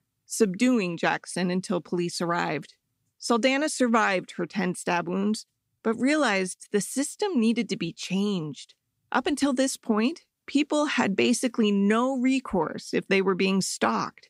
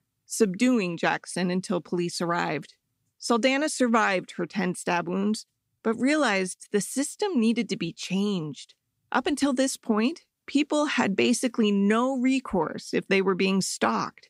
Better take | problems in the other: neither | none

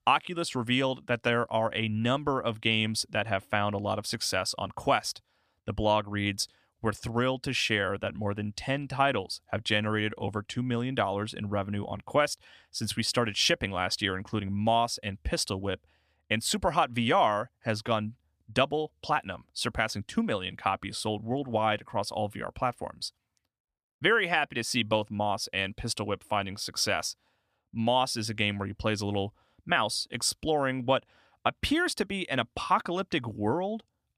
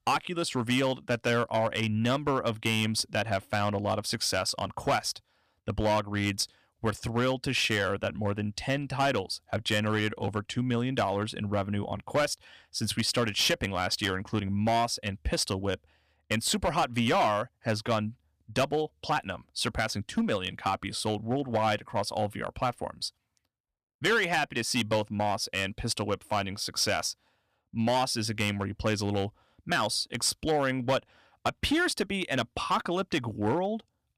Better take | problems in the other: first | distortion; slight; 4% of the sound clipped

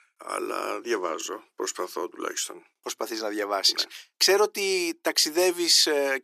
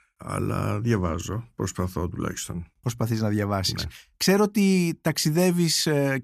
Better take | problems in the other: second | thin; very; fading below 350 Hz

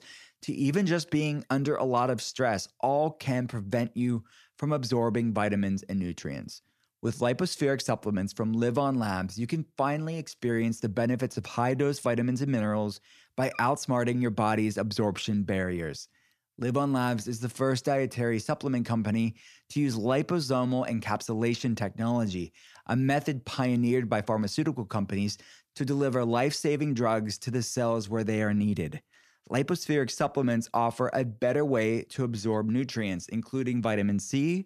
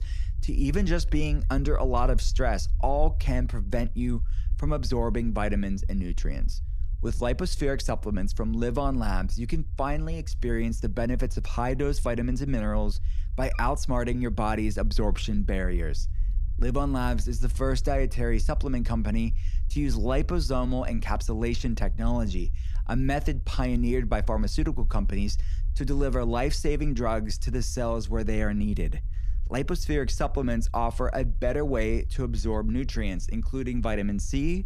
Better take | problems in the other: first | low rumble; faint; throughout; 25 dB below the speech

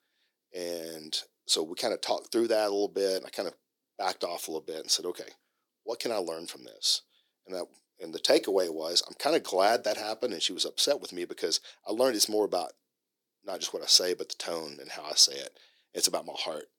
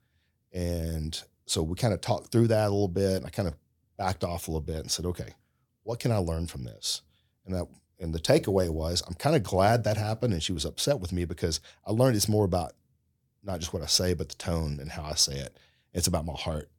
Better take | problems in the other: second | thin; very; fading below 350 Hz

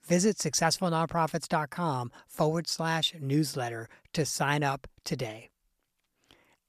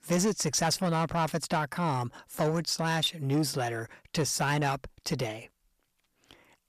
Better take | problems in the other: first | distortion; slight; 10 dB below the speech

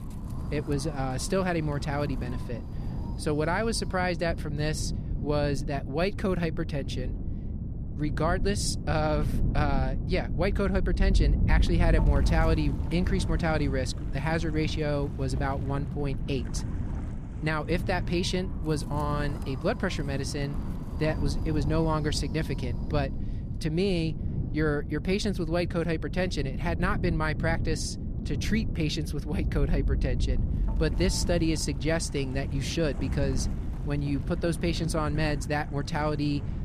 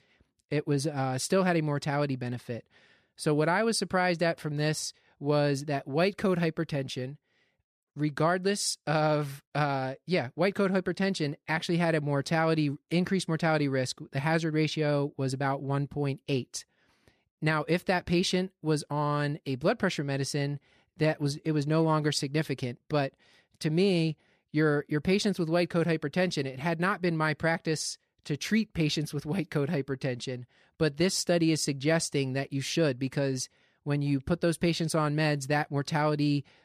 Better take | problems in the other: second | wind noise on the microphone; occasional gusts; 10 dB below the speech

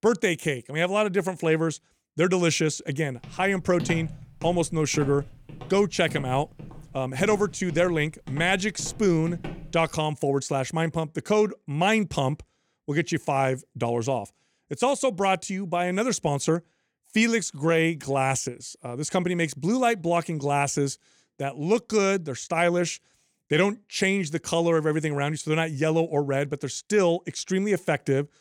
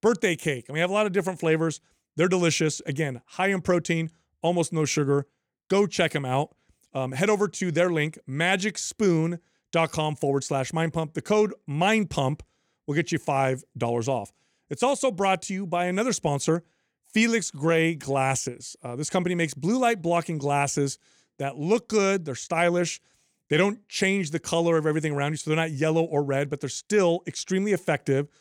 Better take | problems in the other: second | footsteps; noticeable; from 3 to 10 s; peak 9 dB below the speech

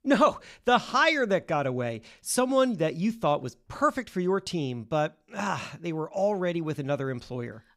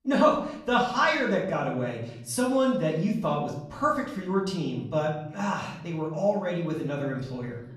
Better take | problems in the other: first | off-mic speech; far // room echo; noticeable; dies away in 0.8 s

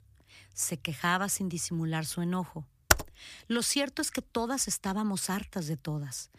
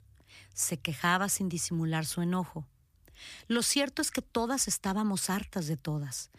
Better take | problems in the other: second | keyboard typing; very faint; at 3 s; peak 5 dB above the speech

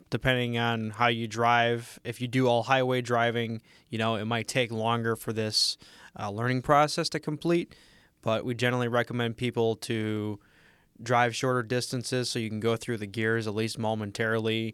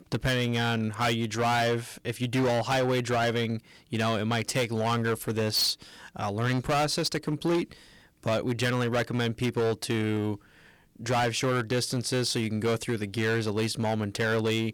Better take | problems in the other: first | distortion; heavy; 14% of the sound clipped

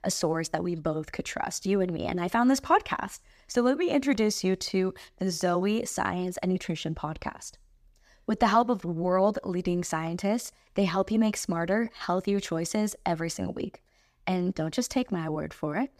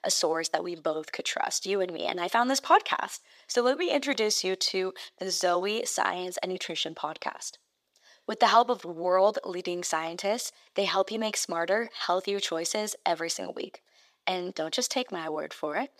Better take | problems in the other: first | thin; somewhat; fading below 500 Hz

